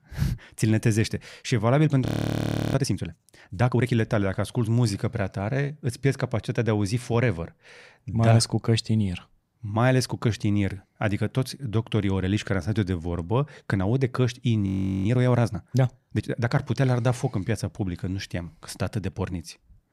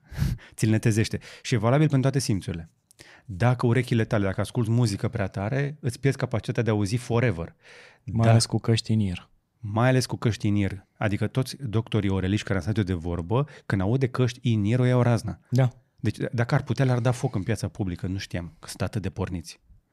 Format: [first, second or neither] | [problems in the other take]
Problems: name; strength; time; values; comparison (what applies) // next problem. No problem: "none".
second | audio freezing; at 2 s for 0.5 s and at 15 s